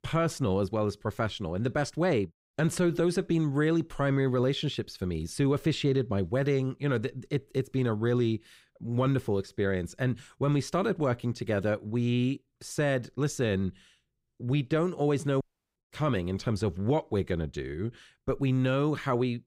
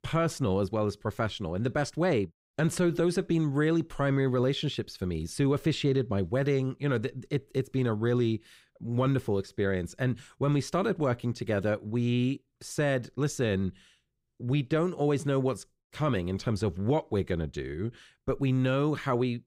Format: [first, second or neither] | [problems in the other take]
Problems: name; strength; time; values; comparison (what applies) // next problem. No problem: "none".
second | audio cutting out; at 15 s